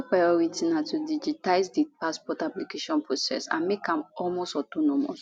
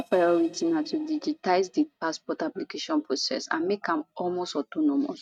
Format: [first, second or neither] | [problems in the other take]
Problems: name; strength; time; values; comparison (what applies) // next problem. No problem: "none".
first | noise reduction (neural mask model RNNoise)